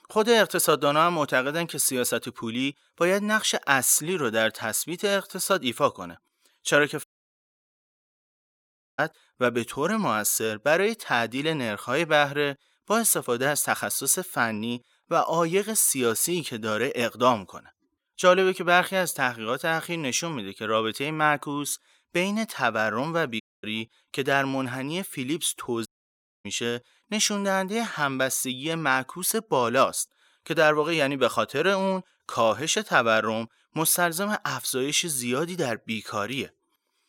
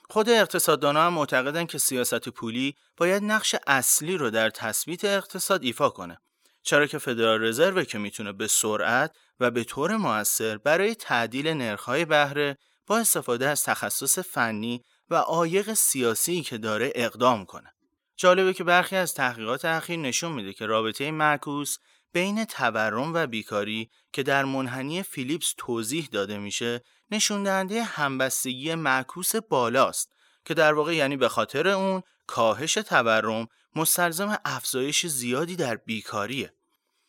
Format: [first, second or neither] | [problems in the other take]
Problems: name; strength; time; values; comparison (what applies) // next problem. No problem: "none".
second | audio cutting out; at 7 s for 2 s, at 23 s and at 26 s for 0.5 s